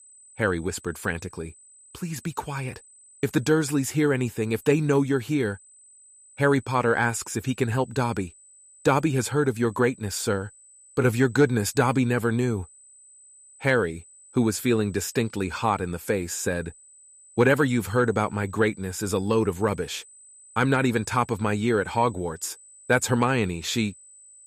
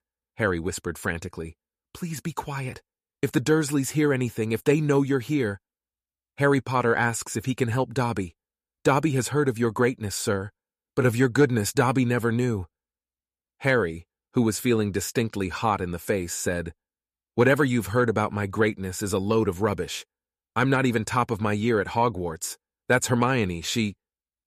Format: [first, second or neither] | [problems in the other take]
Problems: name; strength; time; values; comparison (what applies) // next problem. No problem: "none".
second | high-pitched whine; faint; throughout; 8 kHz, 25 dB below the speech